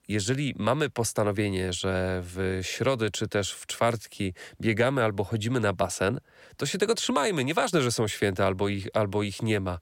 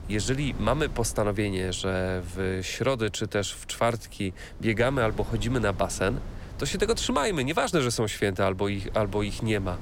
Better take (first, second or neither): first